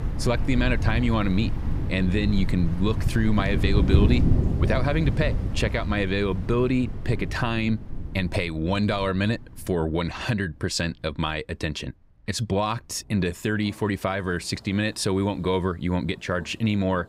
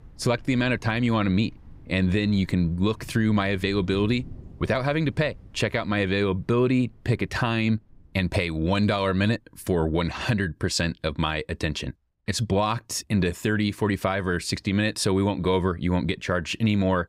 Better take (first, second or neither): second